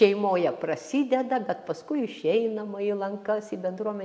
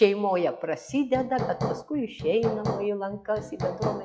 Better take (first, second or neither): first